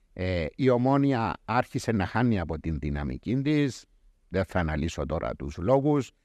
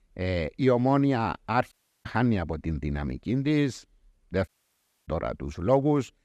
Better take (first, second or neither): first